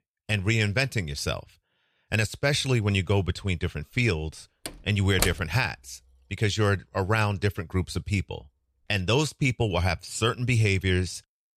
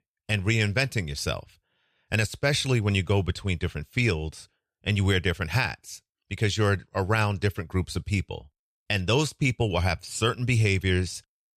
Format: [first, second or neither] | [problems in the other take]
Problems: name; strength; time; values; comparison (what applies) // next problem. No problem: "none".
second | door banging; noticeable; at 4.5 s; peak 2 dB below the speech